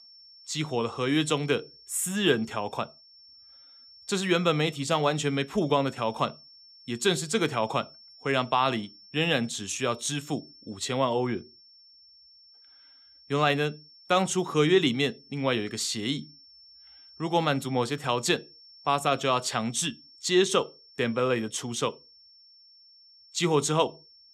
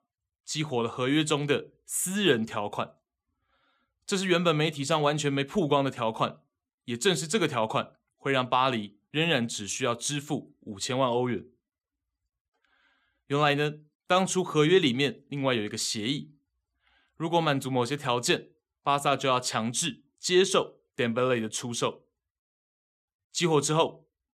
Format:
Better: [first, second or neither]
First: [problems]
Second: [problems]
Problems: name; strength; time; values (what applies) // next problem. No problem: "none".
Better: second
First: high-pitched whine; faint; throughout; 5.5 kHz, 25 dB below the speech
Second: none